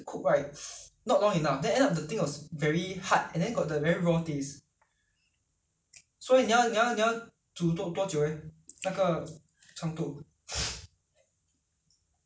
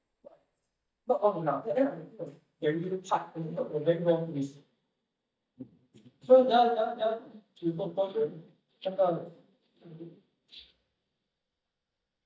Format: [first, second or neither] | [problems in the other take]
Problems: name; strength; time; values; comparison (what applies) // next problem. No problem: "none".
first | noise reduction (neural mask model DeepFilterNet 3)